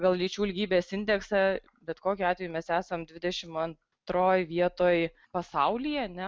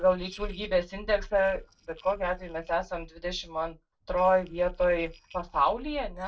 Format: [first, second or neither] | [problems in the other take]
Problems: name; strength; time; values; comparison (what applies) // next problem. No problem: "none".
first | noise reduction (neural separator model SepFormer DNS4)